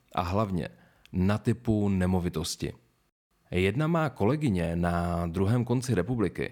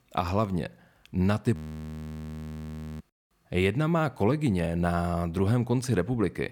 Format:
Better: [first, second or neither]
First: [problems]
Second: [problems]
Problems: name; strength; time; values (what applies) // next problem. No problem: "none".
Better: first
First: none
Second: audio freezing; at 1.5 s for 1.5 s